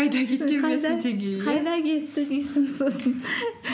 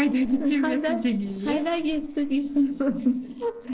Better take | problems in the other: first | noise reduction (neural separator model SepFormer DNS4)

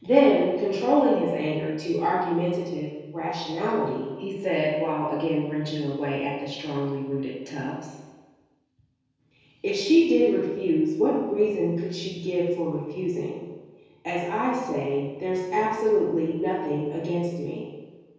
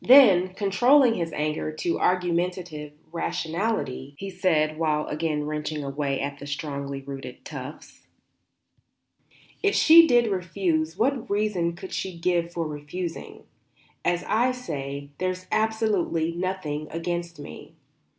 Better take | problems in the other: second | room echo; dies away in 1.2 s

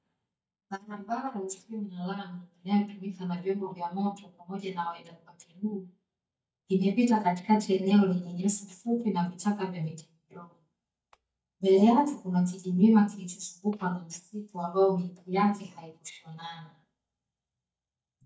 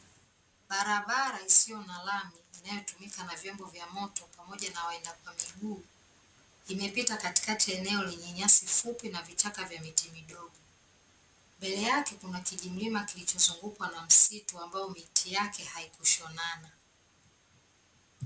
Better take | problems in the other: second | noise reduction (neural mask model DeepFilterNet 3)

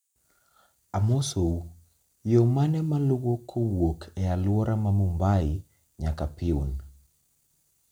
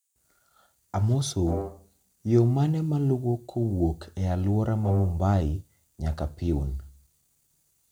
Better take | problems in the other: first | background sound (Brass instrument); 12 dB below the speech

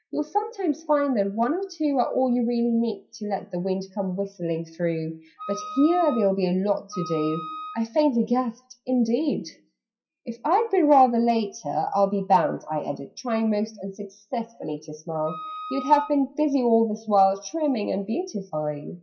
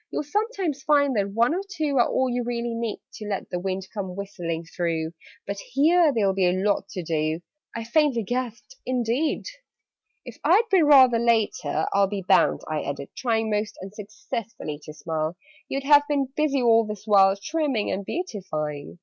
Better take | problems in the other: second | noise reduction (classical method WPE with log-MMSE)

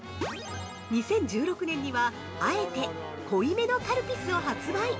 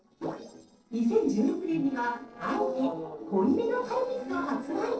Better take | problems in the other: first | noise reduction (neural separator model SepFormer DNS4)

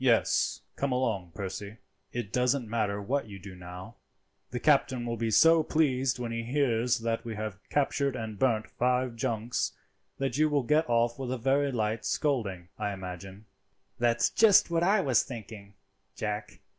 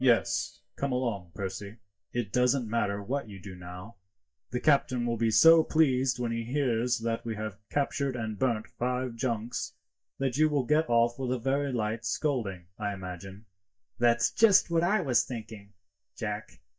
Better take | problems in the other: first | noise reduction (neural mask model DeepFilterNet 3)

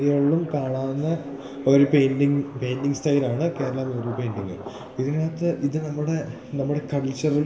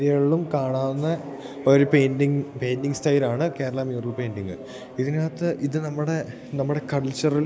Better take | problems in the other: second | background sound (Thunder); 20 dB below the speech // room echo; dies away in 0.7 s

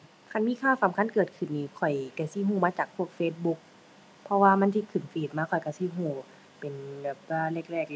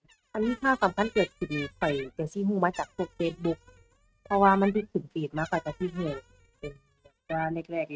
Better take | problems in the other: first | noise reduction (neural mask model RNNoise)

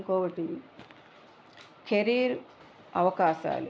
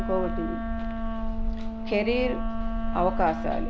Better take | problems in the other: first | background sound (Wind instrument, woodwind instrument + Bark); 2 dB above the speech

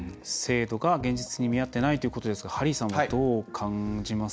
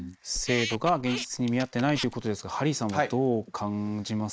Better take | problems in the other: first | noise reduction (neural mask model Resemble Enhance denoiser)

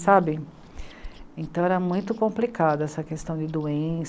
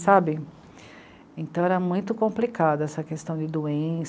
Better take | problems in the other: second | background sound (Chewing, mastication); 20 dB below the speech

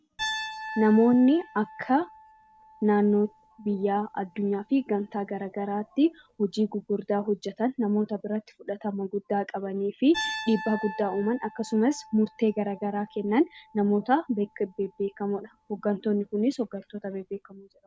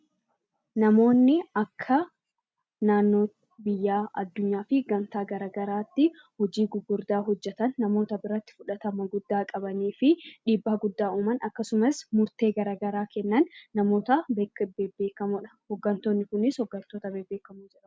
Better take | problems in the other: second | background sound (Piano); 16 dB below the speech

